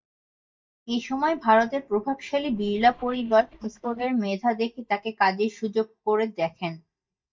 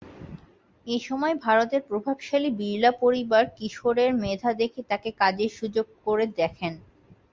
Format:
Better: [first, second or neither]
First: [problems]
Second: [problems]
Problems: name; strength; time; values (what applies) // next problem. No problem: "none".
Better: second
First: noise reduction (neural mask model DeepFilterNet 3)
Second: none